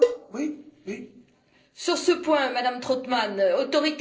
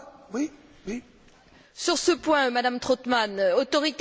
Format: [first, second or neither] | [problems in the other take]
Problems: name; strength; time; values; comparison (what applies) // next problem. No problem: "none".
second | noise reduction (neural separator model SepFormer DNS4)